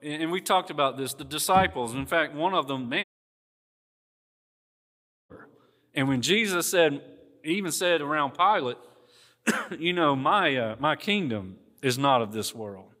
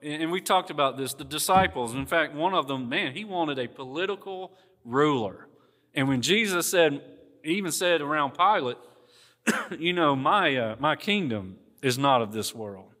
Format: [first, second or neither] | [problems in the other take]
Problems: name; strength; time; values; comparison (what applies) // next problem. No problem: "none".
second | audio cutting out; at 3 s for 2.5 s